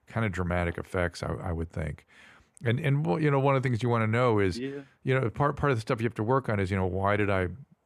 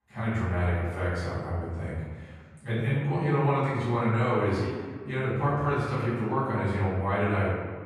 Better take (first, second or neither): first